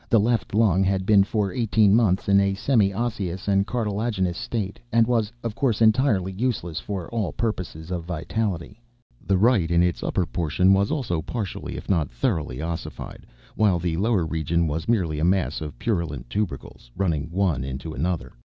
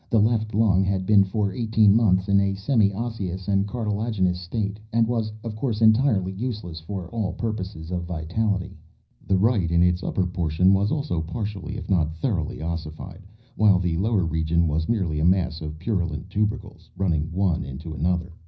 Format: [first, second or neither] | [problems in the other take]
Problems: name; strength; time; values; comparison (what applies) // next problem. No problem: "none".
first | room echo; dies away in 0.4 s